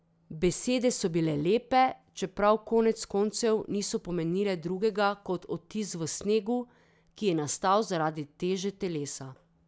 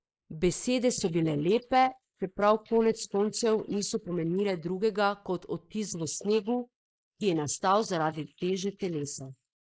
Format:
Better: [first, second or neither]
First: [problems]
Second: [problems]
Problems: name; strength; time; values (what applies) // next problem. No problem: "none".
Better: first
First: none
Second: noise reduction (neural mask model Resemble Enhance denoiser)